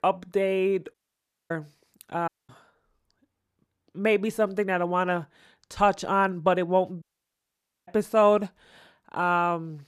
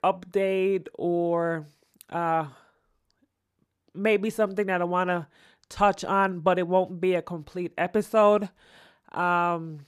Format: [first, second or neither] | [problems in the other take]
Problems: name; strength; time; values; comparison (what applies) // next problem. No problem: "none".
second | audio cutting out; at 1 s for 0.5 s, at 2.5 s and at 7 s for 1 s